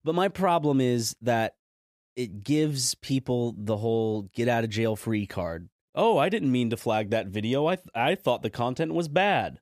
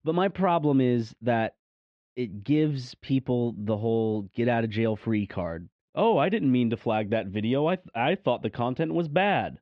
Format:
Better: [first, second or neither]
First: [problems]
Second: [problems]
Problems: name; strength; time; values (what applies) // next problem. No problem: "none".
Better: first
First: none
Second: muffled; very; fading above 3.5 kHz